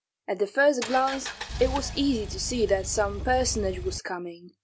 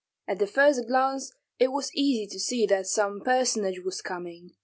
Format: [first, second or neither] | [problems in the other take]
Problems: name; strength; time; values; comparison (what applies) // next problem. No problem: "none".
second | background sound (Engine); 8 dB below the speech